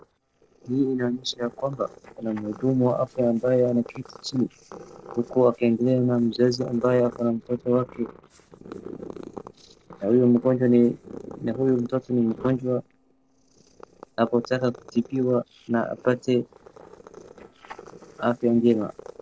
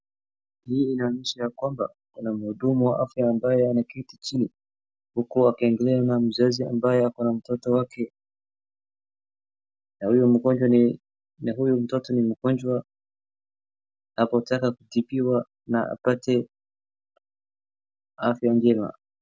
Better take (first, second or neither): second